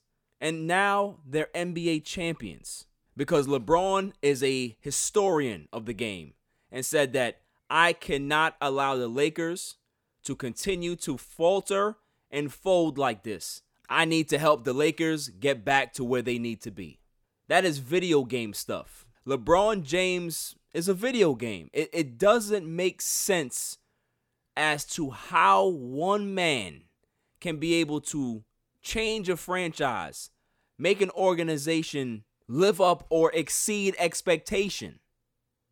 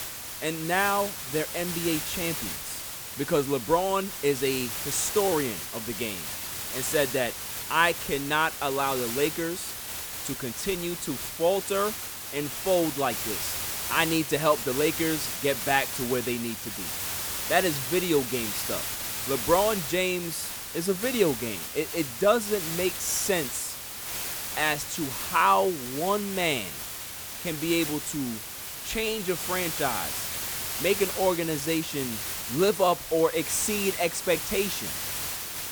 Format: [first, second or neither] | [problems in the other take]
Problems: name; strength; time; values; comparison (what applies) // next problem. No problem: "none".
first | hiss; loud; throughout; 4 dB below the speech